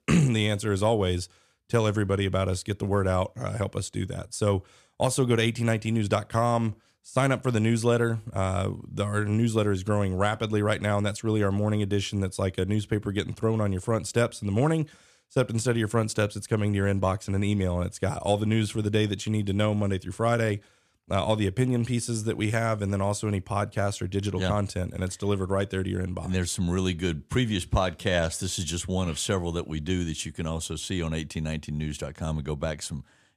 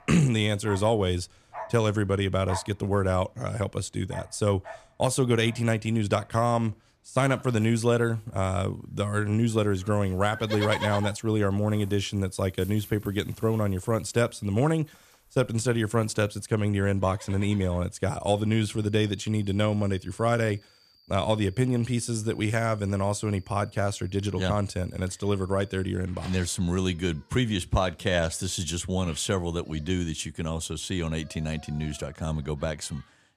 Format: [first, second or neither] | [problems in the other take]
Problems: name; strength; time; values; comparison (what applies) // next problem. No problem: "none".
first | animal sounds; noticeable; throughout; 15 dB below the speech